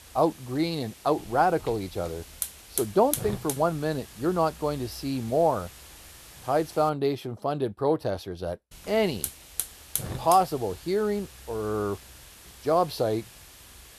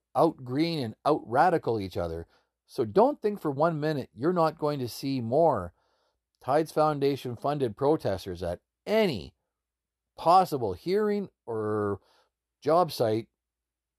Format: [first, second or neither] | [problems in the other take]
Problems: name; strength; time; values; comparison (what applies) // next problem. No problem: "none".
second | hiss; noticeable; until 7 s and from 8.5 s on; 10 dB below the speech